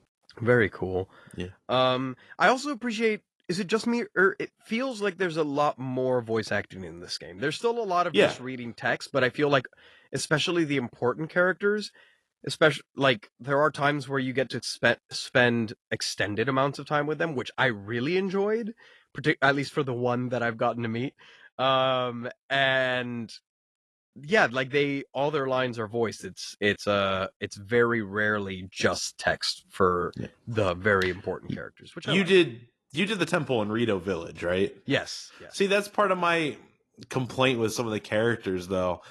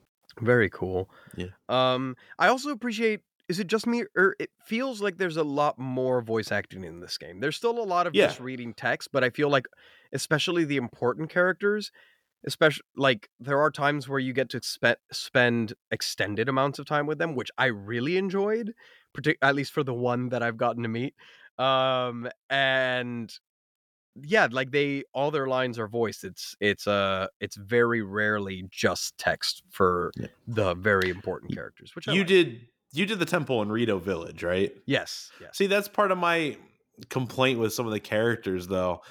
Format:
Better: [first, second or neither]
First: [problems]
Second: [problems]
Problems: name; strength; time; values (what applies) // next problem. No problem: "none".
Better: second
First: garbled, watery; slightly; nothing above 11.5 kHz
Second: none